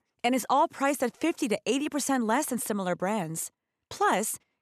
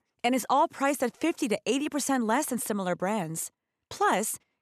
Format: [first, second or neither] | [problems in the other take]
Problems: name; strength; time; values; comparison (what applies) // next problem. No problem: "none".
neither | none